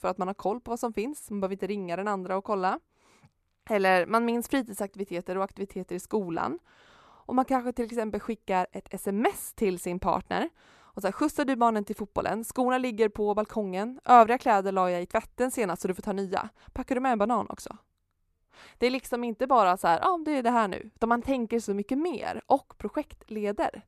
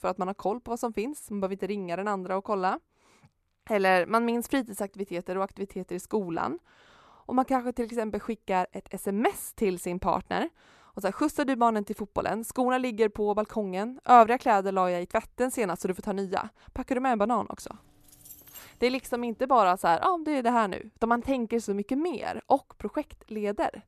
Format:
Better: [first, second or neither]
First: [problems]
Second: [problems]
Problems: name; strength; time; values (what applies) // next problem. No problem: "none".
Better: first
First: none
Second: jangling keys; faint; from 18 to 19 s; peak 20 dB below the speech